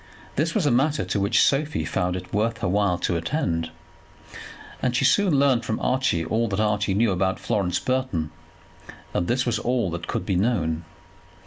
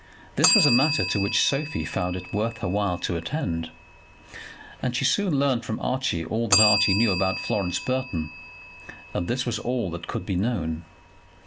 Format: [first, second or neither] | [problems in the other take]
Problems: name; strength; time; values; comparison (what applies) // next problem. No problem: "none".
first | background sound (Bell); 5 dB below the speech